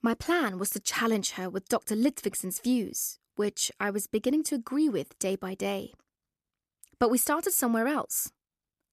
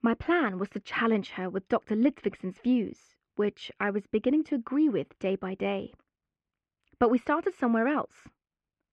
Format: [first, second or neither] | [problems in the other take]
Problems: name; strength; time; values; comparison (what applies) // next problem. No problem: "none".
first | muffled; very; fading above 2.5 kHz